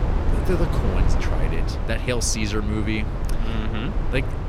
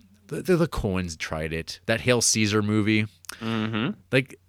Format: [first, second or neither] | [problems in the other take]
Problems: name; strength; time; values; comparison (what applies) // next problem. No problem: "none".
second | low rumble; loud; throughout; 4 dB below the speech